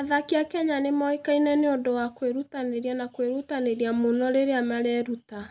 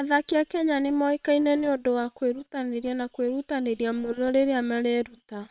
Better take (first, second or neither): first